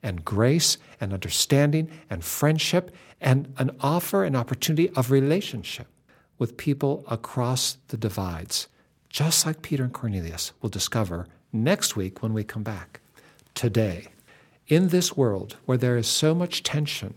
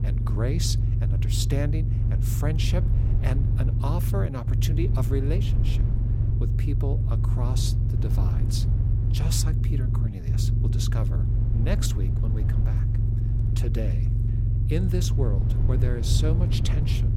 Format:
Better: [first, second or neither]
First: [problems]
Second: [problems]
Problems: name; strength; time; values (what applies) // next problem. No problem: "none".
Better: first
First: none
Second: low rumble; loud; throughout; 3 dB below the speech